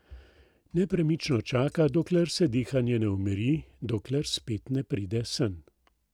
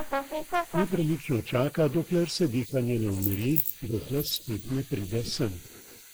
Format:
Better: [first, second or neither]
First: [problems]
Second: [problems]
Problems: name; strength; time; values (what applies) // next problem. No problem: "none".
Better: first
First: none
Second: noise reduction (neural mask model Resemble Enhance denoiser)